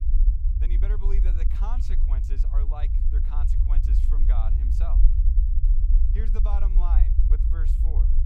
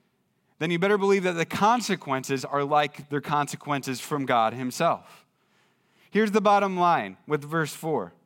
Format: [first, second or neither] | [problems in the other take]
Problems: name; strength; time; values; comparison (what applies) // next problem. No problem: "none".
second | low rumble; loud; throughout; 2 dB below the speech